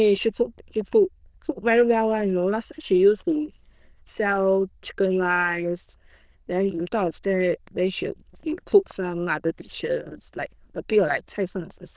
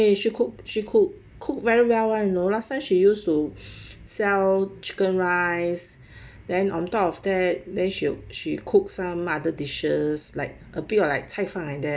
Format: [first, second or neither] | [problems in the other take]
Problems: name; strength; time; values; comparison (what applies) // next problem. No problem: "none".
second | noise reduction (neural diffusion model UNIVERSE++)